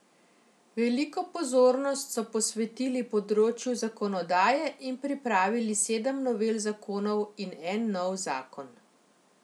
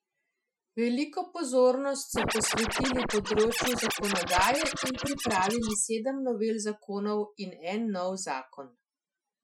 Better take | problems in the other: first | noise reduction (classical method Wiener filter)

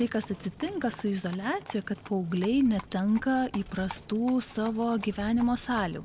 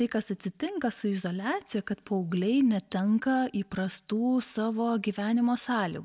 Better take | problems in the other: second | background sound (Livestock, farm animals, working animals); 17 dB below the speech

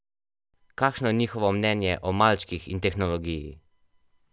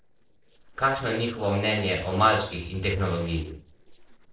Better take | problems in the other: first | noise reduction (neural separator model SepFormer DNS4)

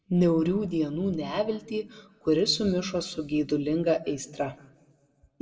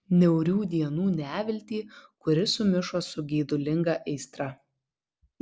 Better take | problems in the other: second | room echo; dies away in 1.3 s

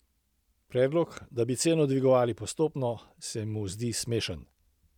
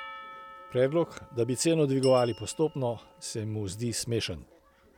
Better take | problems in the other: first | background sound (Door / Bell + Percussion); 19 dB below the speech

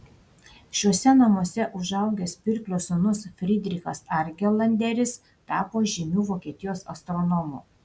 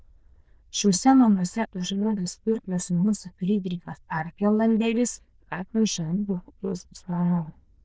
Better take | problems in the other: first | noise reduction (neural diffusion model UNIVERSE++)

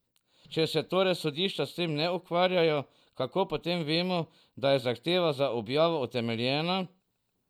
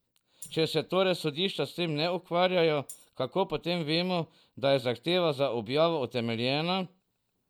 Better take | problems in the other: first | background sound (Tambourine); 19 dB below the speech

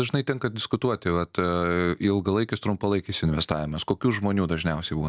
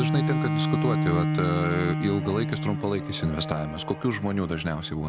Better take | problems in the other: first | background sound (Bowed string instrument); as loud as the speech

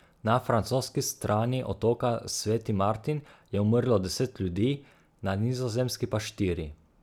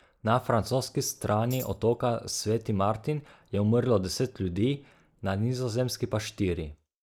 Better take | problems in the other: first | noise reduction (neural mask model Resemble Enhance denoiser)

